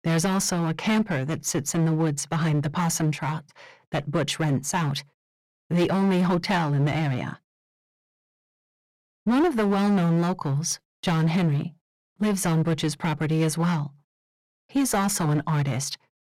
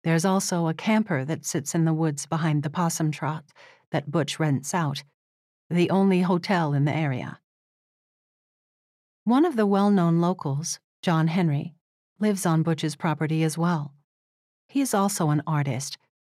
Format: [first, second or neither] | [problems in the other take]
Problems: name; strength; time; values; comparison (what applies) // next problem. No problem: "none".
second | distortion; heavy; 10% of the sound clipped